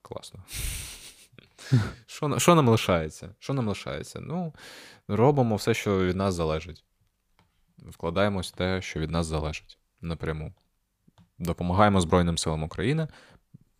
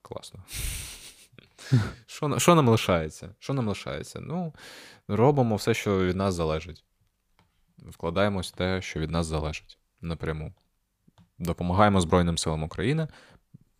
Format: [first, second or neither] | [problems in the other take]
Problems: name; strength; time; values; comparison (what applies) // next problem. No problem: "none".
neither | none